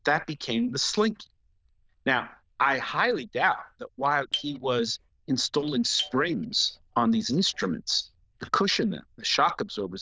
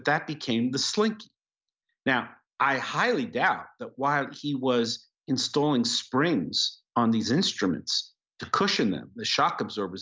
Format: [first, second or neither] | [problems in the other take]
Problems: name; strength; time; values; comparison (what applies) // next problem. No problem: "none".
second | noise reduction (neural diffusion model UNIVERSE++)